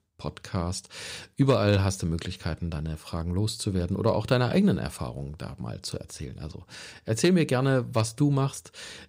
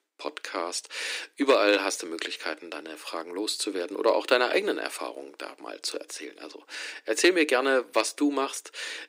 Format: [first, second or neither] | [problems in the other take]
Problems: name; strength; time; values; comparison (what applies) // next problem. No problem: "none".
first | thin; somewhat; fading below 300 Hz